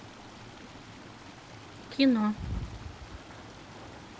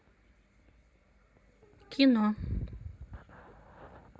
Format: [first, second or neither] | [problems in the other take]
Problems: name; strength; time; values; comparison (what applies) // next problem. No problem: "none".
second | background sound (Stream); 14 dB below the speech